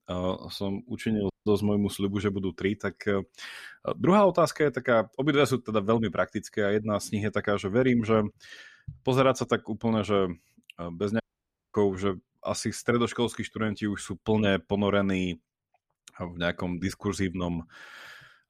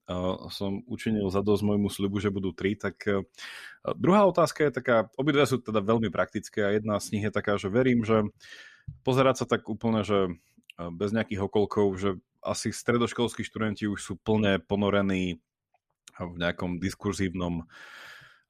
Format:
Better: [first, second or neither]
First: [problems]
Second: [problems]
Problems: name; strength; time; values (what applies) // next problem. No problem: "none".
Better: second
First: audio cutting out; at 1.5 s and at 11 s for 0.5 s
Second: none